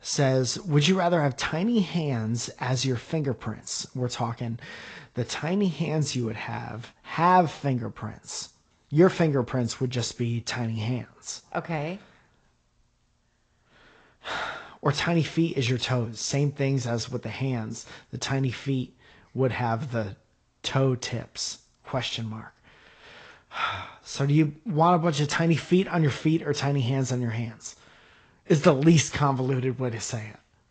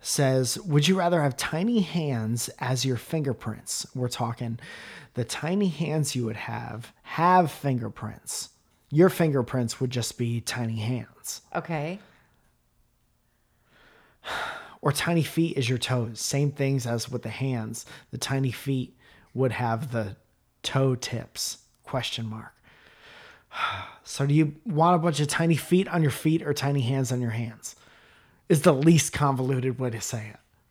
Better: second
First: garbled, watery; slightly; nothing above 7.5 kHz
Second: none

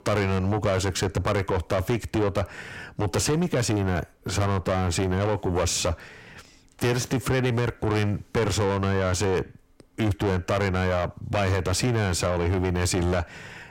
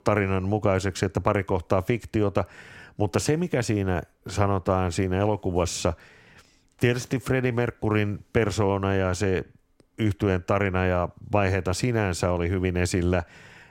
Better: second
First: distortion; heavy; 5 dB below the speech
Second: none

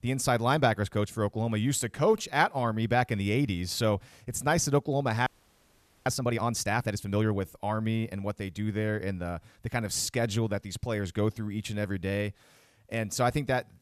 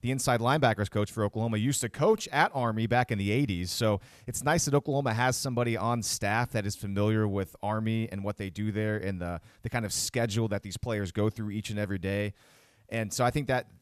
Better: second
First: audio freezing; at 5.5 s for 1 s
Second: none

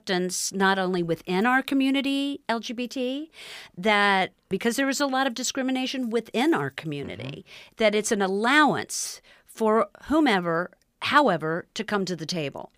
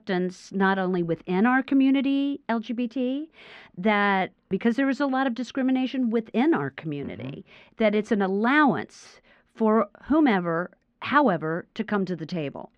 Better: first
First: none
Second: muffled; slightly; fading above 2.5 kHz

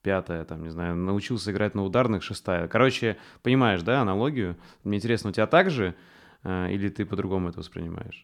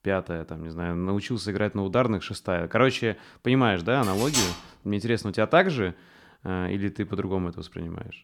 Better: first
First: none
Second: clattering dishes; loud; at 4 s; peak 1 dB above the speech

